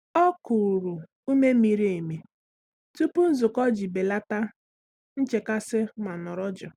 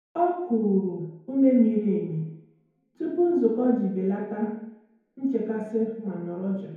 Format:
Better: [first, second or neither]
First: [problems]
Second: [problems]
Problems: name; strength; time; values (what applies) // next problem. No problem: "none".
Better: first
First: none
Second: room echo; dies away in 0.9 s